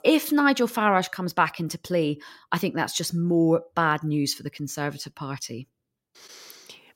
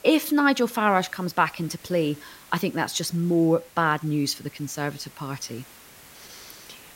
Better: first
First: none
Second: hiss; faint; throughout; 25 dB below the speech

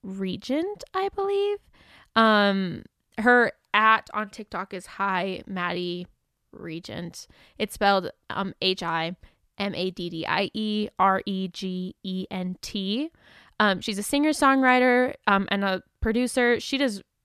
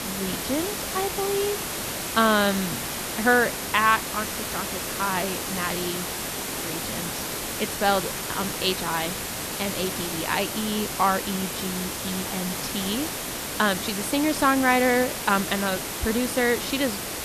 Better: first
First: none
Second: hiss; loud; throughout; 3 dB below the speech

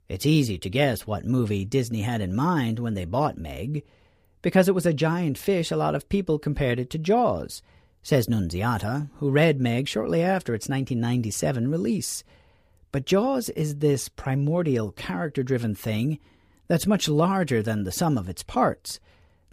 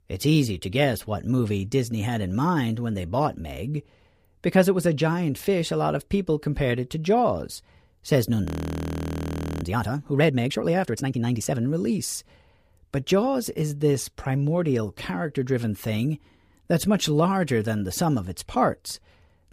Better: first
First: none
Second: audio freezing; at 8.5 s for 1 s

